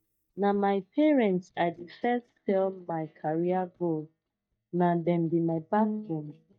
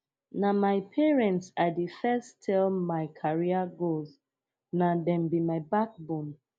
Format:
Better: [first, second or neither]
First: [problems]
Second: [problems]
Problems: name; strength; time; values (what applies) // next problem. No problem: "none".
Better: second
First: noise reduction (neural mask model DeepFilterNet 3)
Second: none